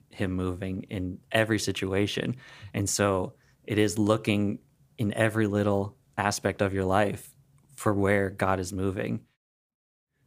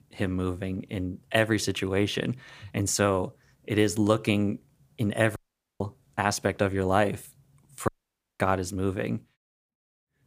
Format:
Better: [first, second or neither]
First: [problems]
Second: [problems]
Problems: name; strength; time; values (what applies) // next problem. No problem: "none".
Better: first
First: none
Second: audio cutting out; at 5.5 s and at 8 s for 0.5 s